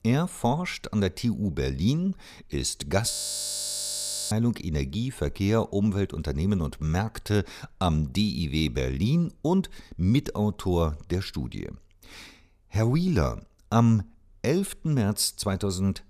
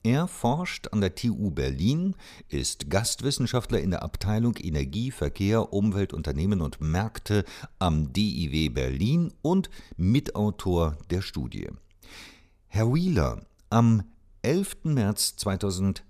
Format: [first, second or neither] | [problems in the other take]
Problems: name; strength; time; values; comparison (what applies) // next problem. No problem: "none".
second | audio freezing; at 3 s for 1 s